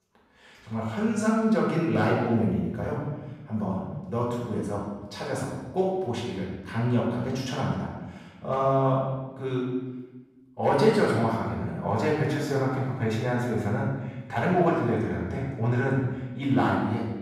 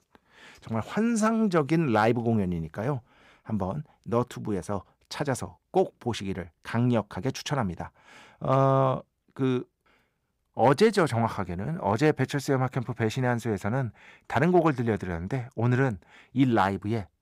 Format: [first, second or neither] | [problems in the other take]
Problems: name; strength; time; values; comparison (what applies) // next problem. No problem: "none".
second | off-mic speech; far // room echo; noticeable; dies away in 1.1 s